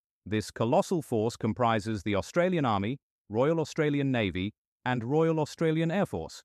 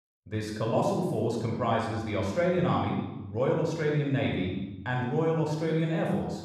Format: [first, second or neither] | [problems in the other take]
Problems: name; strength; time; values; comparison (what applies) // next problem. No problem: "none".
first | room echo; noticeable; dies away in 1 s // off-mic speech; far